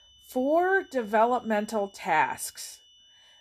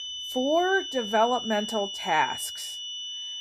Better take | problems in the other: first | high-pitched whine; loud; throughout; 3 kHz, 7 dB below the speech; faint in the first

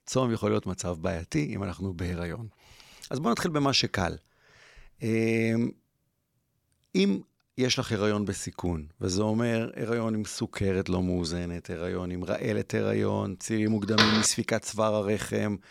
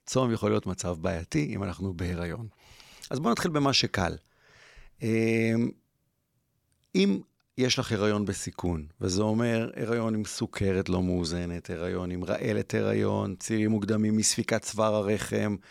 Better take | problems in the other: second | door banging; loud; at 14 s; peak 5 dB above the speech

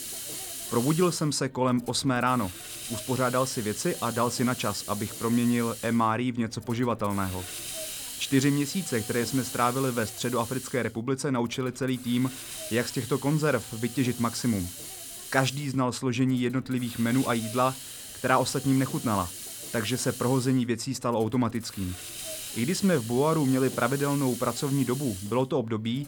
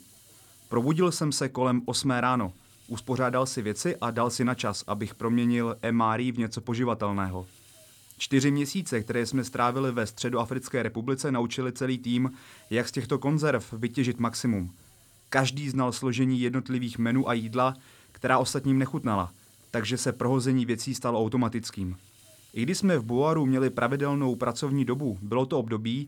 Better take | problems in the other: second | hiss; loud; throughout; 9 dB below the speech; faint in the second

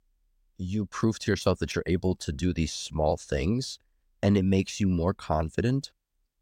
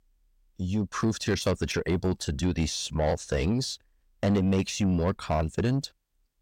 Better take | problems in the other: first | distortion; slight; 10 dB below the speech

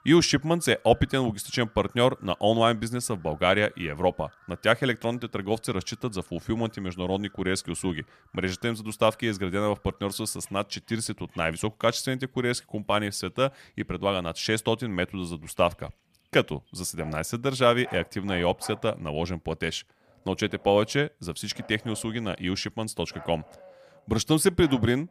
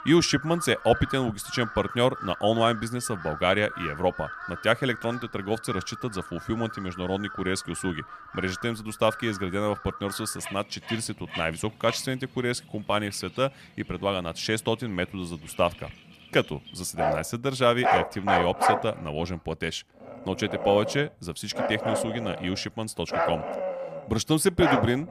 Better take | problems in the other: first | animal sounds; loud; throughout; 5 dB below the speech; faint in the first

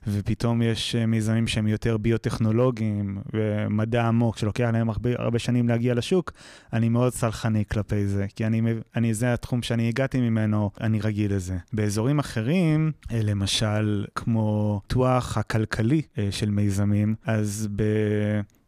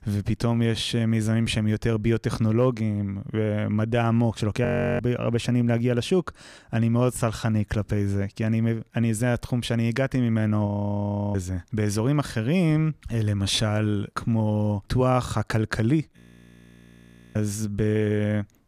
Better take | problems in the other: first | audio freezing; at 4.5 s, at 11 s for 0.5 s and at 16 s for 1 s

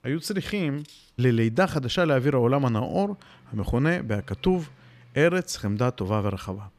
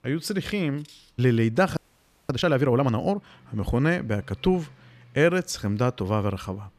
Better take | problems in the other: first | audio freezing; at 2 s for 0.5 s

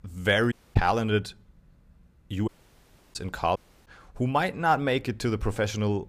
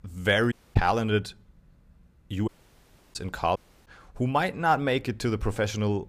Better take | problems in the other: neither | audio cutting out; at 0.5 s, at 2.5 s for 0.5 s and at 3.5 s; the same in both

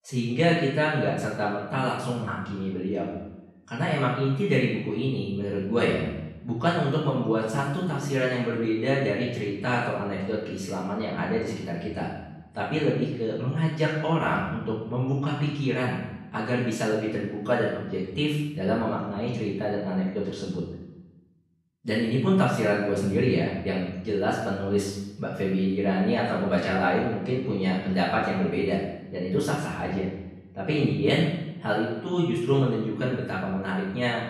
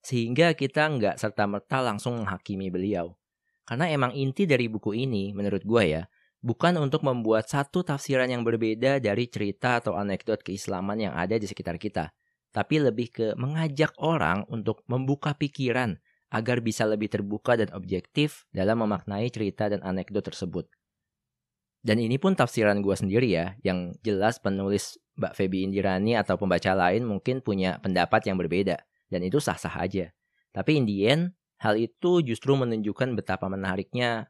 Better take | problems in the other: second | off-mic speech; far // room echo; noticeable; dies away in 0.9 s

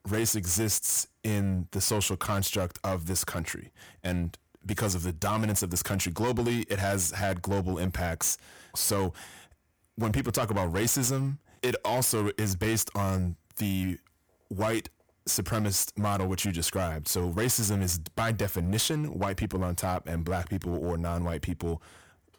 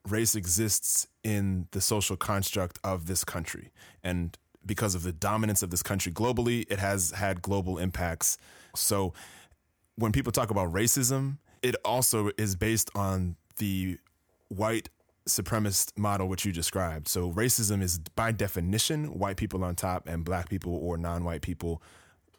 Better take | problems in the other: second | distortion; slight; 10% of the sound clipped

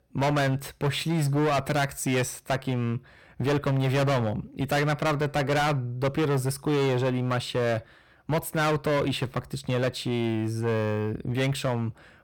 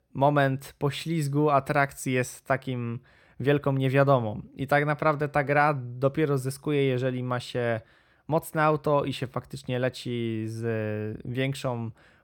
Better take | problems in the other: second | distortion; heavy; 18% of the sound clipped

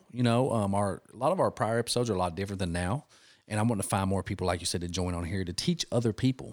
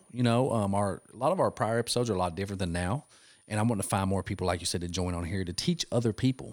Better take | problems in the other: first | high-pitched whine; faint; throughout; 9.5 kHz, 30 dB below the speech

